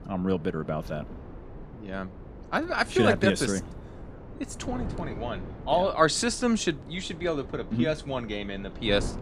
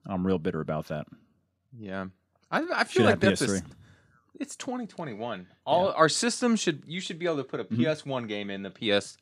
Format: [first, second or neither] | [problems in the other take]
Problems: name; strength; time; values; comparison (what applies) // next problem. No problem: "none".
second | wind noise on the microphone; occasional gusts; 20 dB below the speech